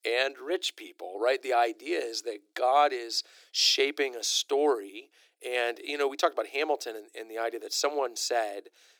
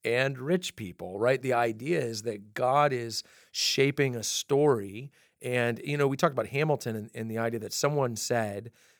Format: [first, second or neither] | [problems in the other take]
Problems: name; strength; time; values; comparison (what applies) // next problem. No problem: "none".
second | thin; somewhat; fading below 300 Hz